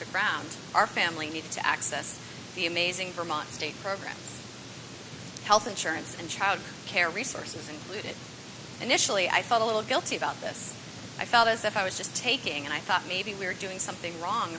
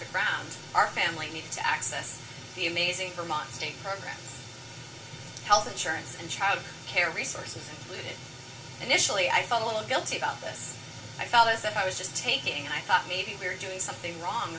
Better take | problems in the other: first | room echo; dies away in 0.2 s

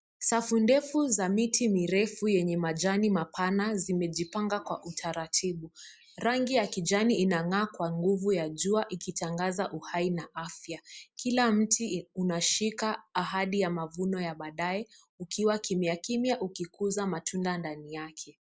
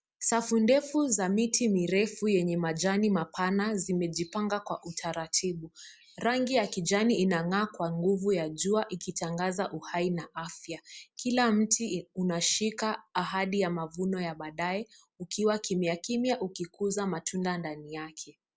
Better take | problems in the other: second | noise reduction (neural mask model Resemble Enhance denoiser)

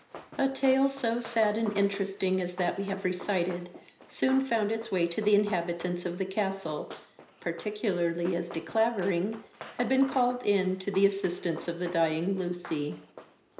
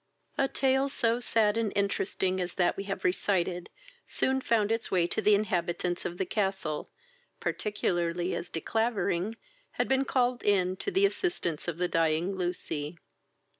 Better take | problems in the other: second | background sound (Run); 19 dB below the speech // room echo; dies away in 0.5 s

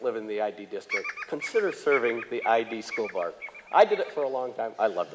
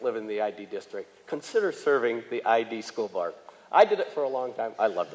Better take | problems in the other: second | background sound (Bird vocalization, bird call, bird song); 10 dB below the speech

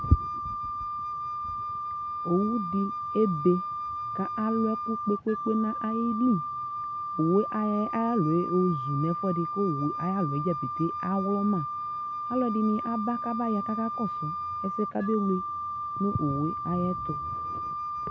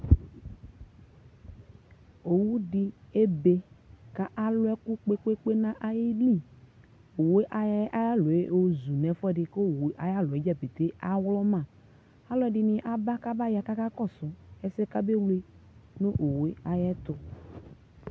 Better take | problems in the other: second | background sound (Wind instrument, woodwind instrument); 4 dB below the speech

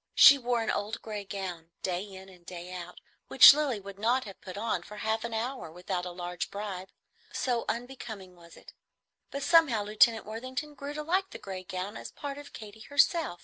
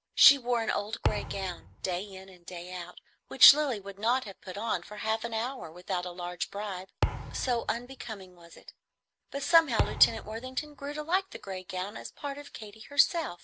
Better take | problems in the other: first | background sound (Thump, thud); 5 dB below the speech

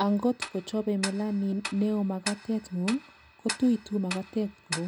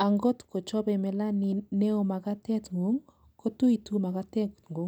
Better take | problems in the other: second | background sound (Tick-tock); 11 dB below the speech

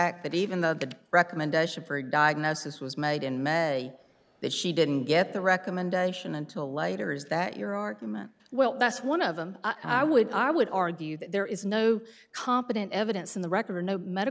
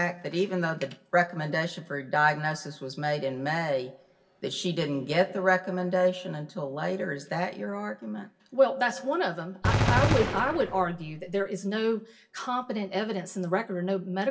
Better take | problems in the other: first | background sound (Gunshot, gunfire); 1 dB above the speech // room echo; dies away in 0.2 s

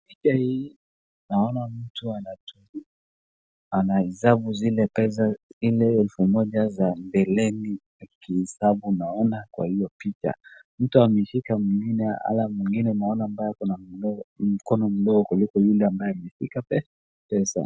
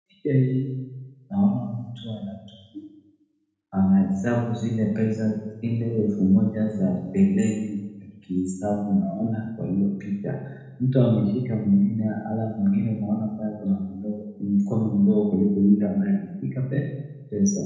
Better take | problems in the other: first | room echo; dies away in 0.9 s

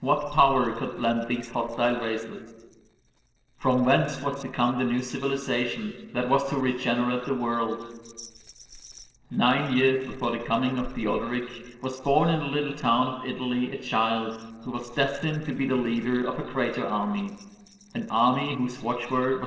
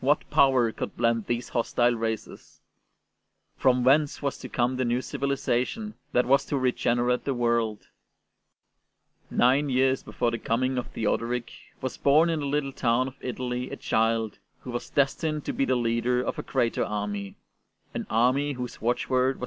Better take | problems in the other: second | noise reduction (neural separator model SepFormer DNS4)

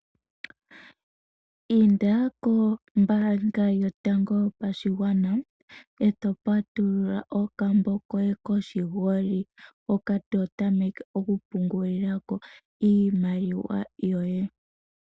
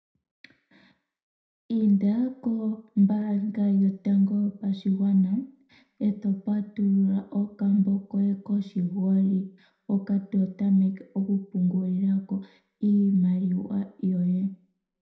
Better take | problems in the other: first | room echo; dies away in 0.4 s

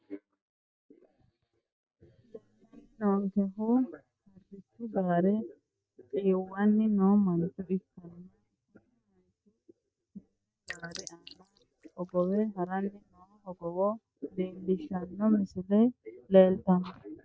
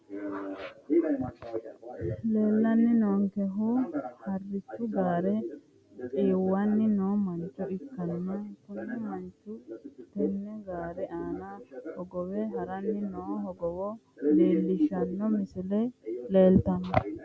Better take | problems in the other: second | noise reduction (neural mask model DeepFilterNet 3)

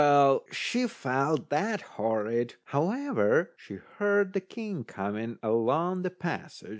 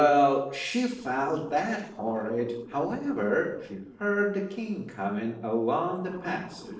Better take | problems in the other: first | noise reduction (neural separator model SepFormer DNS4)

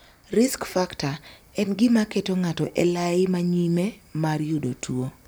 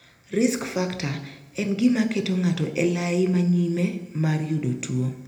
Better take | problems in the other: first | room echo; dies away in 0.7 s

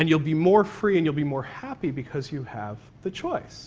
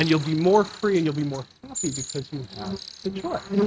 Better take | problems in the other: first | noise reduction (neural mask model RNNoise)

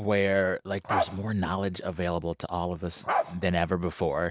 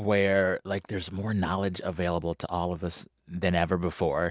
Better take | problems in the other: second | background sound (Bark); 4 dB below the speech

